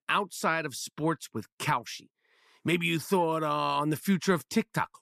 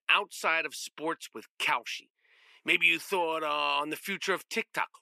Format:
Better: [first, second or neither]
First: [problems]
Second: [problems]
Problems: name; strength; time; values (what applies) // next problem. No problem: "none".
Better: first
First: none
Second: thin; somewhat; fading below 450 Hz